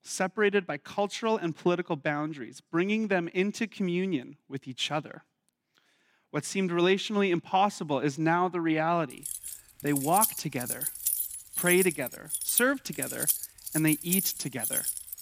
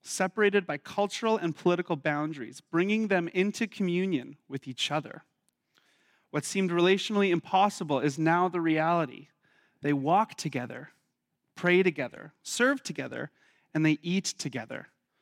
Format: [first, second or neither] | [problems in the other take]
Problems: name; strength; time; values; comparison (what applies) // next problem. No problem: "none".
second | jangling keys; loud; from 9.5 s on; peak 2 dB above the speech